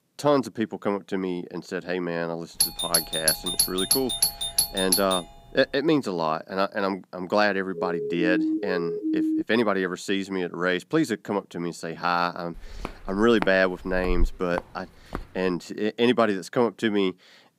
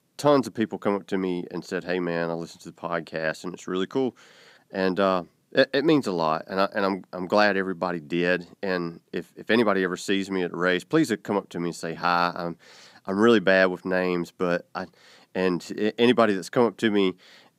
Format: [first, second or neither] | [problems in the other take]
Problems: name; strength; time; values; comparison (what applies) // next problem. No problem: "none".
second | doorbell; loud; from 2.5 to 5 s; peak 5 dB above the speech // siren; loud; from 8 to 9.5 s; peak 1 dB above the speech // footsteps; noticeable; from 13 to 15 s; peak 6 dB below the speech